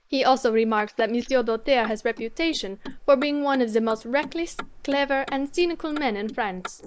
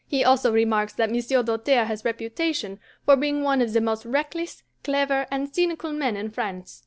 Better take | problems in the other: second | noise reduction (neural mask model Resemble Enhance denoiser)

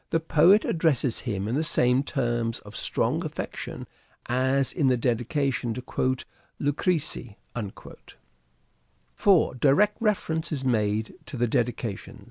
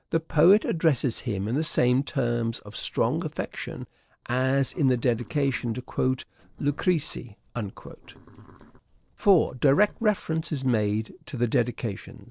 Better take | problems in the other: first | noise reduction (neural separator model SepFormer DNS4)

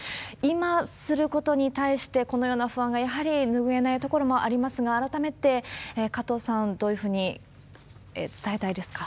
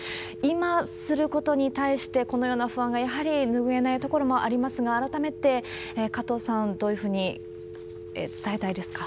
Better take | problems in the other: first | background sound (Telephone); 13 dB below the speech

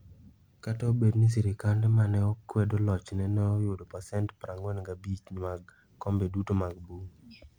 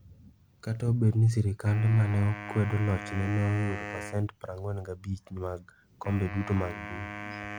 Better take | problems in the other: first | background sound (Wind instrument, woodwind instrument); 13 dB below the speech

